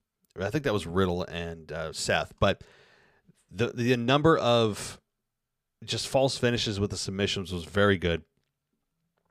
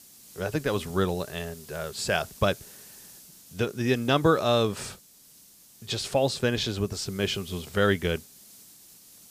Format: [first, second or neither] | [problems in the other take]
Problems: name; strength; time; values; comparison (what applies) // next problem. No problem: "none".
first | hiss; faint; throughout; 20 dB below the speech